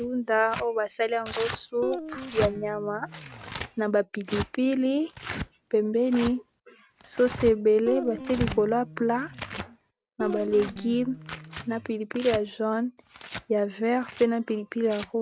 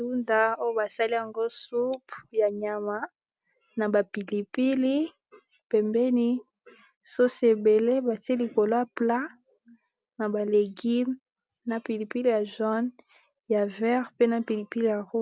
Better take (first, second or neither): second